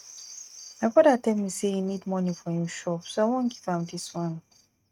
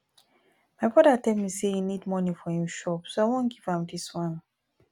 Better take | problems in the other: second | noise reduction (neural mask model RNNoise)

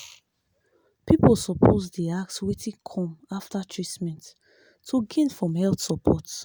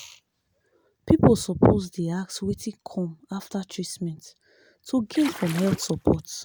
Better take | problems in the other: first | background sound (Splash, splatter); 13 dB below the speech

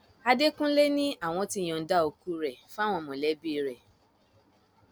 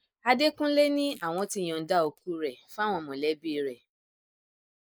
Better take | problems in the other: first | noise reduction (neural mask model Resemble Enhance denoiser)

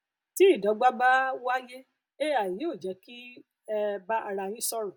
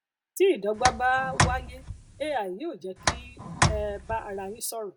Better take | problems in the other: first | background sound (Tick); as loud as the speech

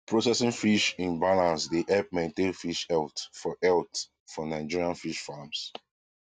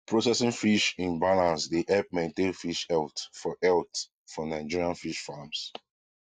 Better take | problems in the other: first | noise reduction (neural mask model Resemble Enhance denoiser)

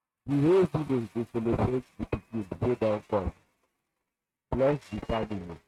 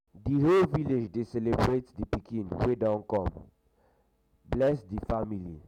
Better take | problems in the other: second | noise reduction (neural mask model RNNoise)

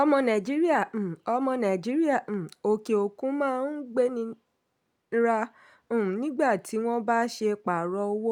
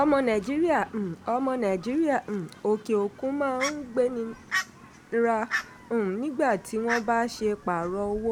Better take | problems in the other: first | background sound (Fowl); 12 dB below the speech

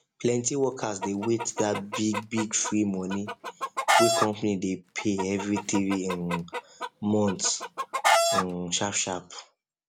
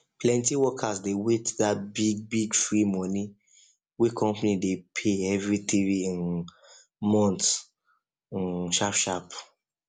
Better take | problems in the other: second | background sound (Chicken, rooster); 1 dB below the speech

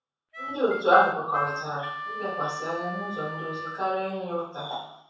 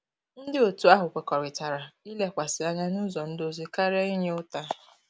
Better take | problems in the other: second | background sound (Harmonica); 8 dB below the speech // room echo; dies away in 0.7 s

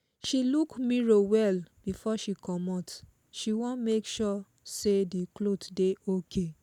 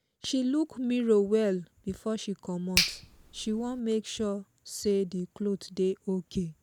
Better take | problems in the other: first | background sound (Finger snapping); 10 dB below the speech

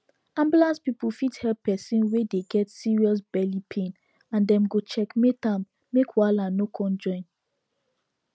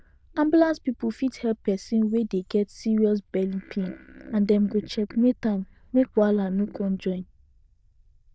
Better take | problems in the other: first | noise reduction (neural diffusion model UNIVERSE++)

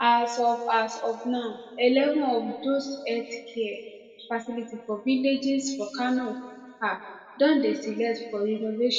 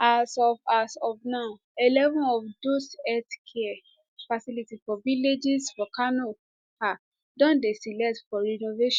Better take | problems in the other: second | room echo; dies away in 1.6 s

